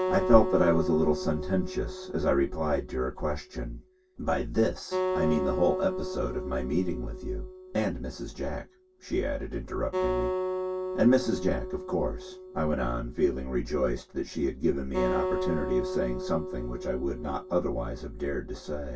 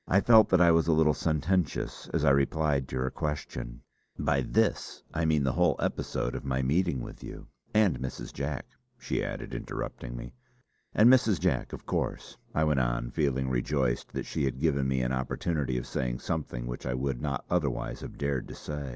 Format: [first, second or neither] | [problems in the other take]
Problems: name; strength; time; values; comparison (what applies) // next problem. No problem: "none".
second | background sound (Acoustic guitar); 6 dB below the speech // room echo; dies away in 0.1 s